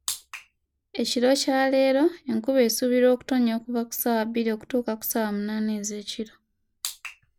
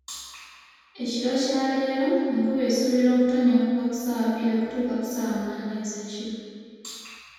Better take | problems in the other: first | room echo; dies away in 2.1 s

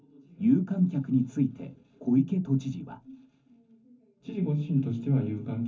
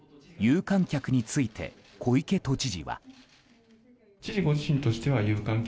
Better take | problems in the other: second | room echo; dies away in 0.3 s

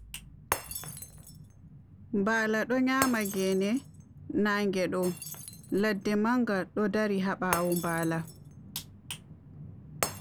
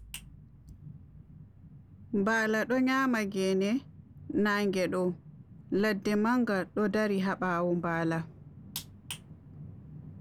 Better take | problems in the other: second | background sound (Shatter); 11 dB below the speech

